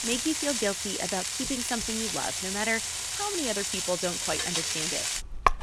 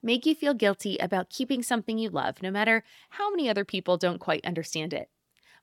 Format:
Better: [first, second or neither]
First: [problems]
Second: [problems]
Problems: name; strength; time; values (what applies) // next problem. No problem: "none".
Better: second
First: household noises; very loud; throughout; 4 dB above the speech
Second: none